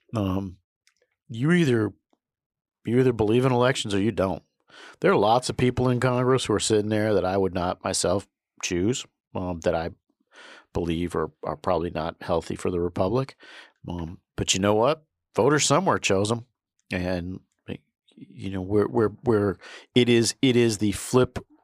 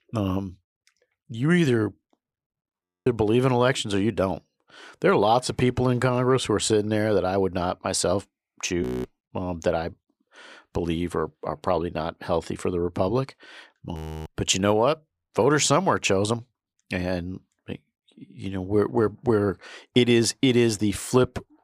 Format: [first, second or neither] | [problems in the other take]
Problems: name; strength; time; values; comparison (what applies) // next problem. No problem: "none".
first | audio freezing; at 3 s, at 9 s and at 14 s